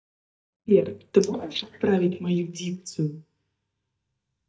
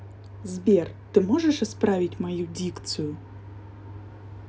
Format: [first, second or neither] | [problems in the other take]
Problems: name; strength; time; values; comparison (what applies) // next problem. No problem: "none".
second | noise reduction (neural mask model DeepFilterNet 3)